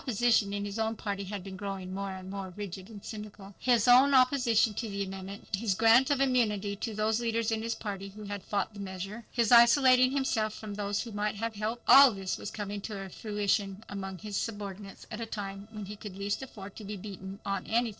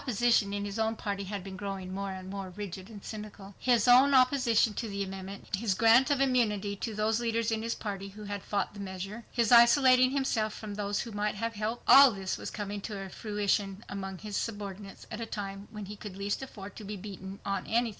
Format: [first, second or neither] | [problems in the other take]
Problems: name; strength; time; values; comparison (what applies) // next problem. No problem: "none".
second | noise reduction (neural separator model SepFormer DNS4)